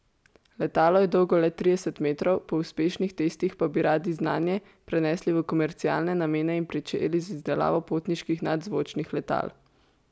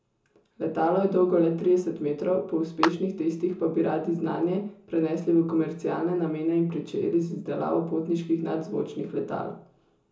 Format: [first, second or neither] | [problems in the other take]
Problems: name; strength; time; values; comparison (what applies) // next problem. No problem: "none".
first | background sound (Clapping); 8 dB below the speech // room echo; dies away in 0.7 s